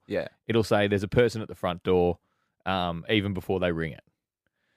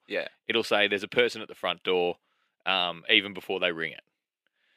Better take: first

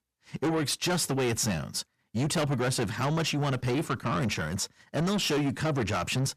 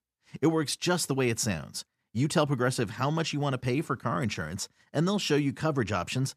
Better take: second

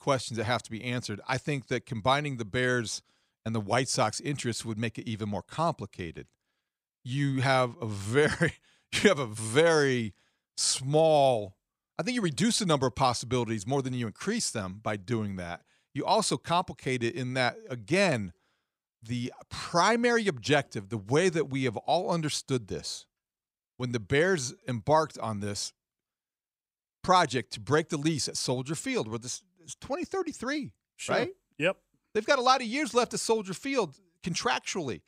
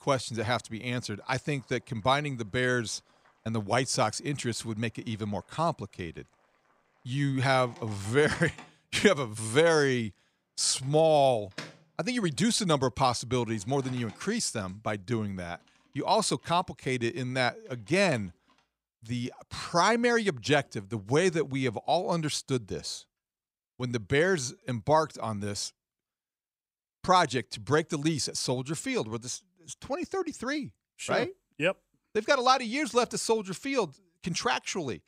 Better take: first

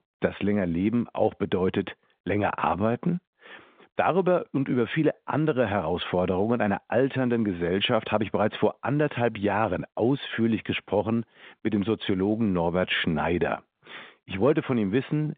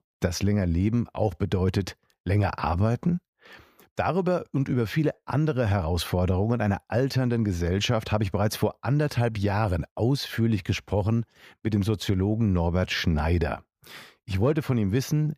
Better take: second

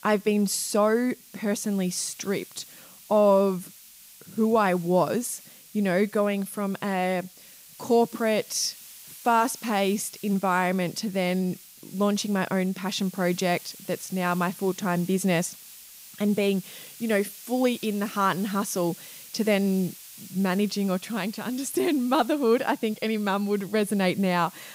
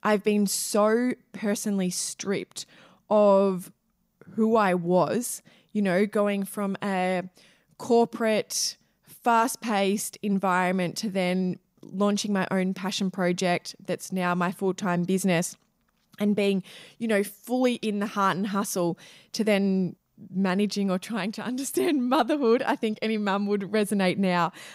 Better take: second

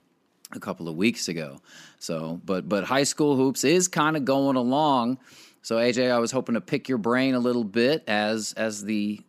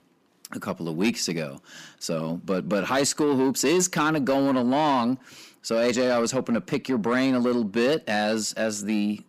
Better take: first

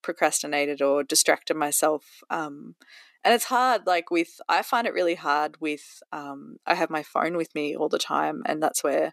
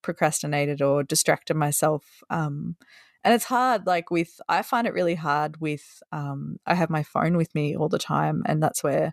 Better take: second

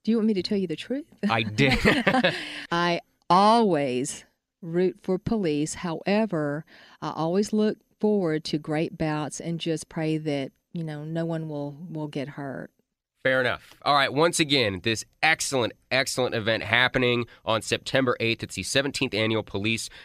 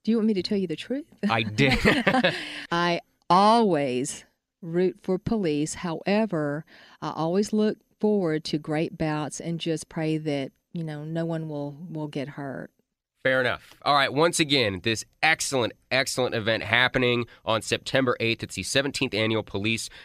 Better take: neither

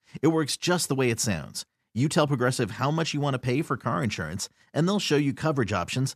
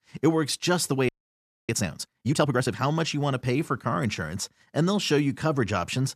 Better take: first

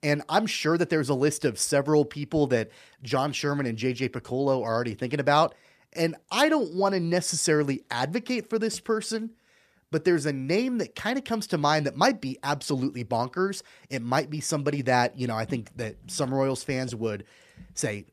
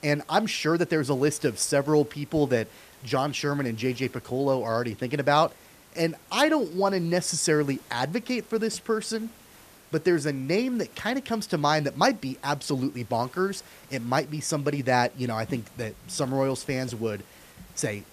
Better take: first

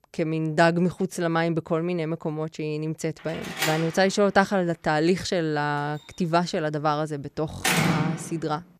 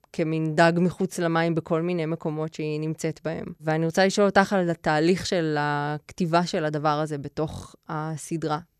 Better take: second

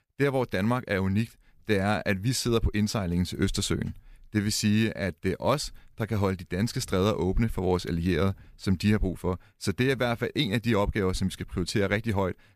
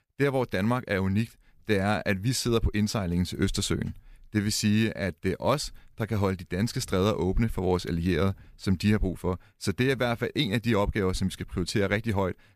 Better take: neither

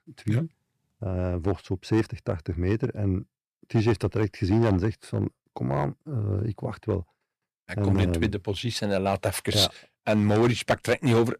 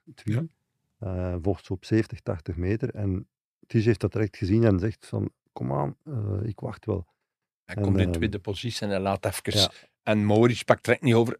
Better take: second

